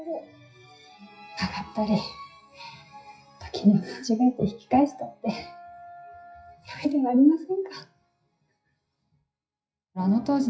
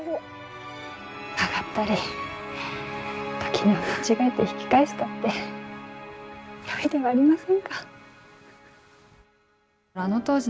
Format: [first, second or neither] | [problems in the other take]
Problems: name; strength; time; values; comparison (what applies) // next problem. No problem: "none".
second | noise reduction (classical method WPE with log-MMSE)